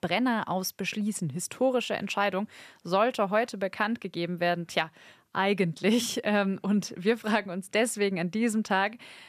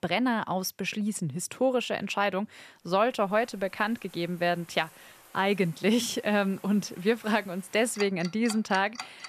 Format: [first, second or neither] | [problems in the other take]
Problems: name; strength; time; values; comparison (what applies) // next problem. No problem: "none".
first | household noises; noticeable; from 3 s on; 20 dB below the speech